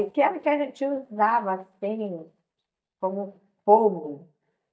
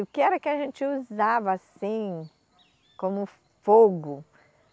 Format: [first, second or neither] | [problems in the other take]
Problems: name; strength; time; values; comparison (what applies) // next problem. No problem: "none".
second | noise reduction (neural mask model DeepFilterNet 3)